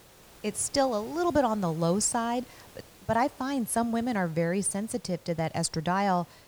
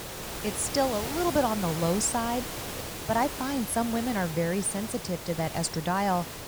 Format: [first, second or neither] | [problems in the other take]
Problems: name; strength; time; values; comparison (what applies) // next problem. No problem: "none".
first | hiss; loud; throughout; 7 dB below the speech; faint in the first